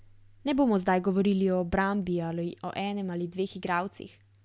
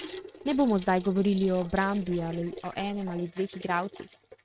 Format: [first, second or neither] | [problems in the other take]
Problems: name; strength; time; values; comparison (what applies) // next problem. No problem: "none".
first | noise reduction (neural mask model RNNoise)